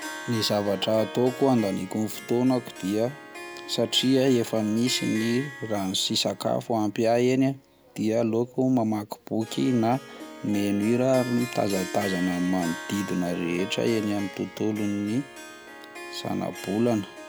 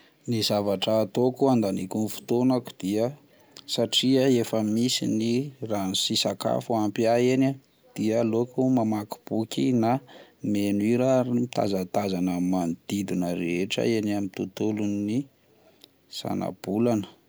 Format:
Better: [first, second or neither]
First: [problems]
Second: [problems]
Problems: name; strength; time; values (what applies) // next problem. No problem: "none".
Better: second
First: background sound (Harp); 14 dB below the speech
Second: none